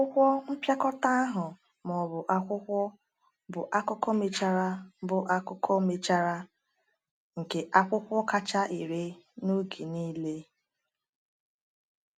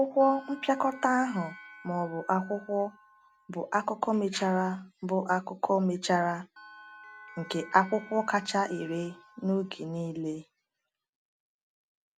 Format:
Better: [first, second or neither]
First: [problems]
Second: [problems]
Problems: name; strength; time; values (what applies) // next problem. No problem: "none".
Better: first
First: none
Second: background sound (Bell); 19 dB below the speech